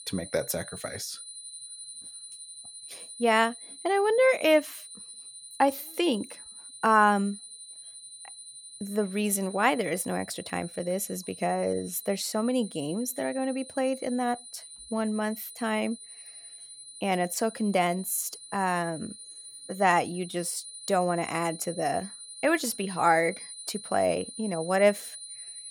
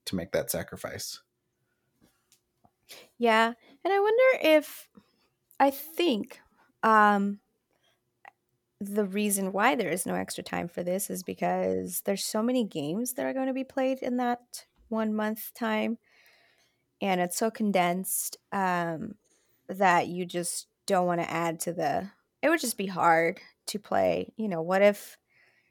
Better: second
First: high-pitched whine; noticeable; throughout; 9.5 kHz, 15 dB below the speech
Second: none

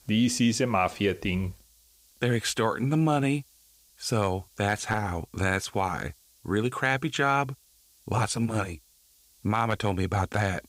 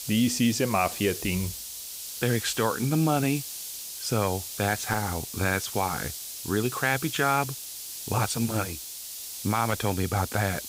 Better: first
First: hiss; faint; throughout; 30 dB below the speech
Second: hiss; loud; throughout; 7 dB below the speech

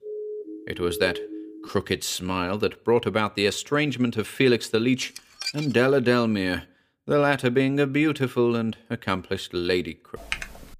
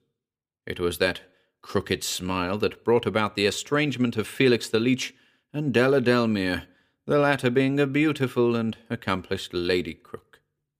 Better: second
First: siren; noticeable; until 1.5 s; peak 10 dB below the speech // clattering dishes; noticeable; at 5 s; peak 7 dB below the speech // keyboard typing; noticeable; at 10 s; peak 8 dB below the speech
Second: none

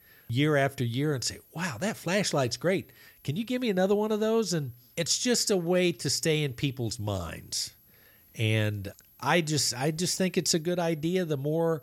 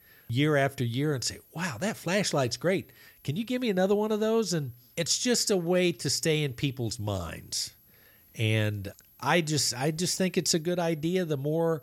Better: neither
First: high-pitched whine; faint; throughout; 11.5 kHz, 30 dB below the speech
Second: high-pitched whine; faint; throughout; 11.5 kHz, 30 dB below the speech

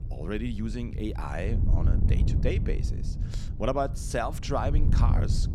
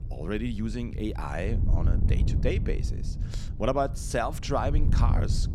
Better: second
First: wind noise on the microphone; heavy; 10 dB below the speech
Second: wind noise on the microphone; occasional gusts; 10 dB below the speech

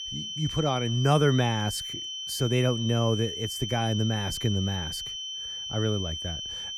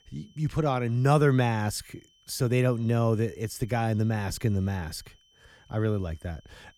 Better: second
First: high-pitched whine; loud; throughout; 3 kHz, 5 dB below the speech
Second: high-pitched whine; faint; throughout; 3 kHz, 35 dB below the speech

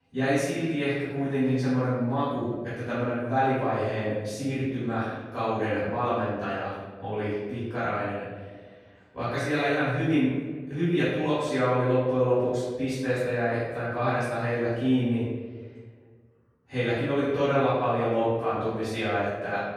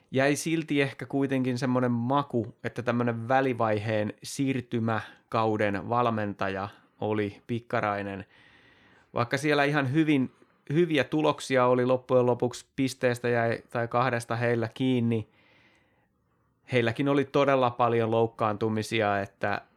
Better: second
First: off-mic speech; far // room echo; strong; dies away in 1.2 s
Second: none

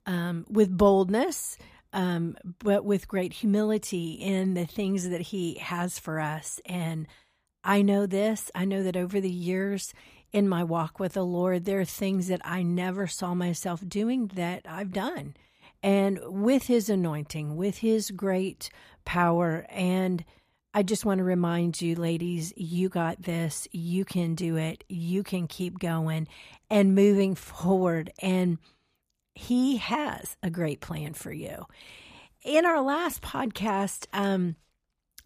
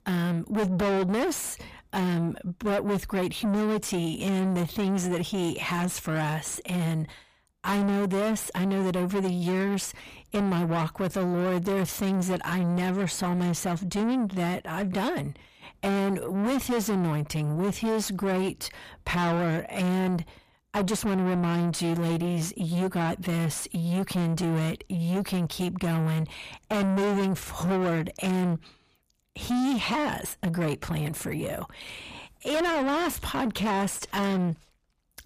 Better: first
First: none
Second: distortion; heavy; 5 dB below the speech

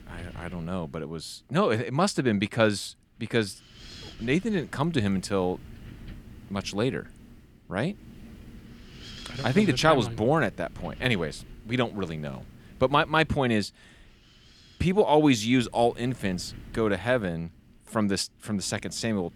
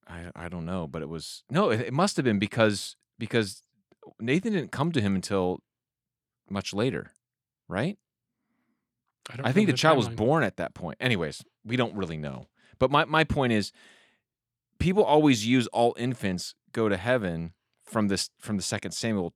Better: second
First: wind noise on the microphone; occasional gusts; 25 dB below the speech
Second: none

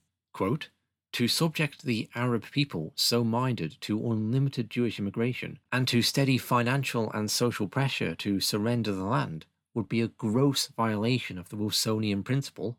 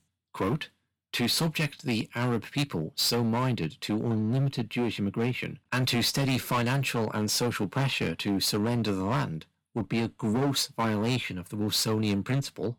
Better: first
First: none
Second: distortion; slight; 12% of the sound clipped

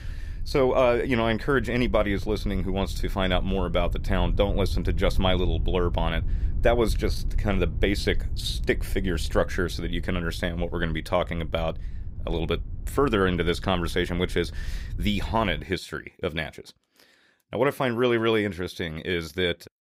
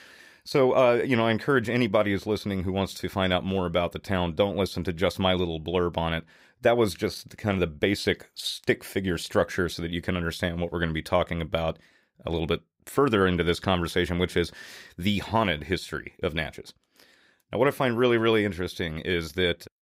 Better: second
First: wind noise on the microphone; occasional gusts; until 16 s; 25 dB below the speech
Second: none

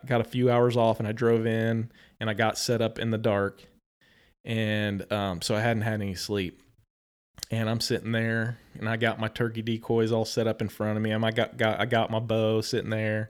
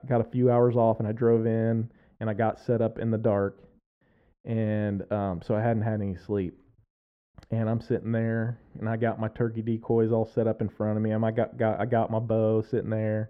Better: first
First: none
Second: muffled; very; fading above 2.5 kHz

